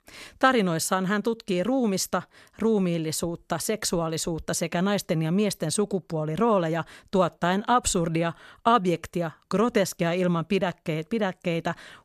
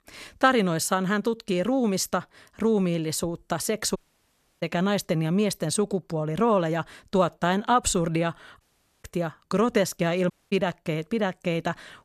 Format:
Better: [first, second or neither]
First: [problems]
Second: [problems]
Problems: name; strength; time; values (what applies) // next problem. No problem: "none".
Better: first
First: none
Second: audio cutting out; at 4 s for 0.5 s, at 8.5 s and at 10 s